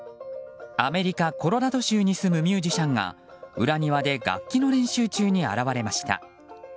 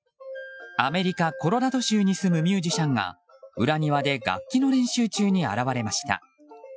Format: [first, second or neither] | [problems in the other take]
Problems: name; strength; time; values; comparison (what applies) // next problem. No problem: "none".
first | noise reduction (classical method Wiener filter)